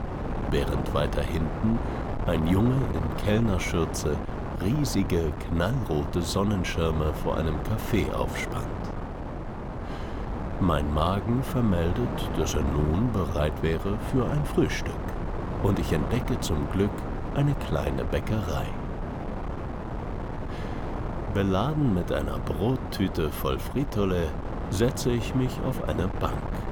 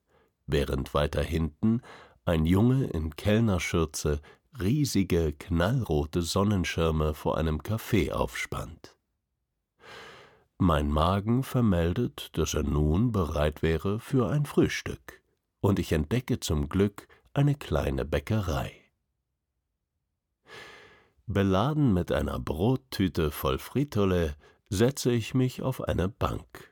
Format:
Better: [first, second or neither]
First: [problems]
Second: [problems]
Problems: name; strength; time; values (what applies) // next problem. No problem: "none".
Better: second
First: wind noise on the microphone; heavy; 5 dB below the speech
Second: none